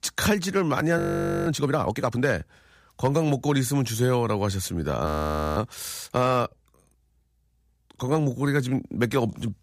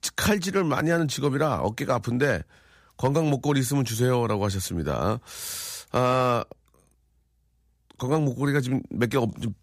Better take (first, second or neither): second